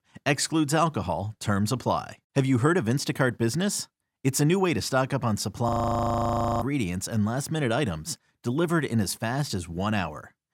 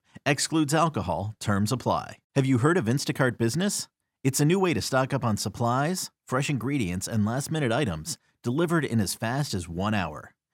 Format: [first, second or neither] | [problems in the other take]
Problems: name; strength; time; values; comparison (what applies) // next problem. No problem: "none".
second | audio freezing; at 5.5 s for 1 s